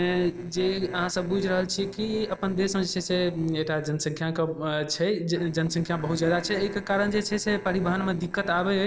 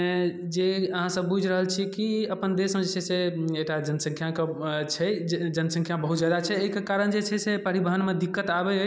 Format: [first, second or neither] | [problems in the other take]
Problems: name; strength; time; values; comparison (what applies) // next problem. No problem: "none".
second | noise reduction (neural separator model SepFormer DNS4)